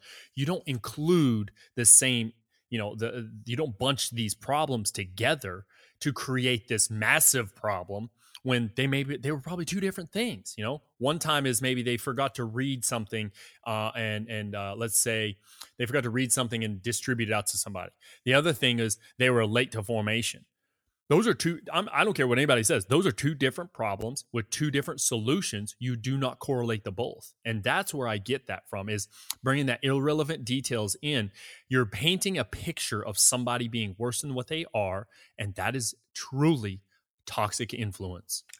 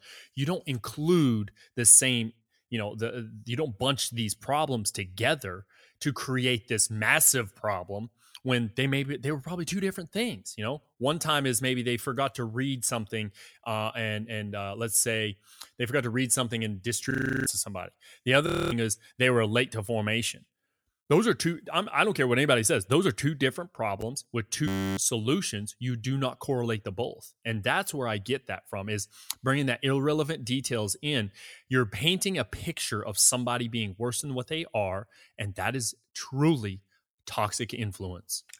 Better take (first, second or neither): first